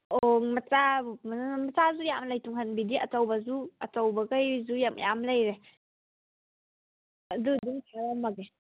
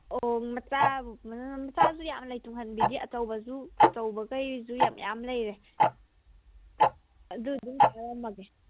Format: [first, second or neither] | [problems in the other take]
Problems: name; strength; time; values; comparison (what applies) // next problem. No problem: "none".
first | background sound (Tick-tock); 4 dB above the speech